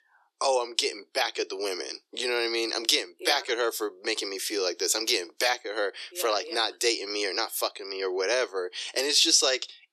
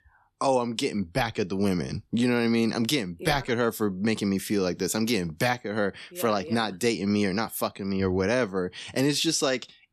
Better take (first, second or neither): second